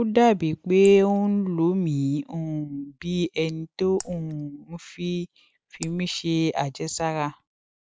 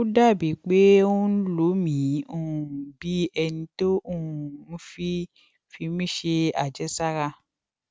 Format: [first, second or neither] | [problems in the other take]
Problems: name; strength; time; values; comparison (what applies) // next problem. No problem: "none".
second | noise reduction (neural mask model Resemble Enhance denoiser)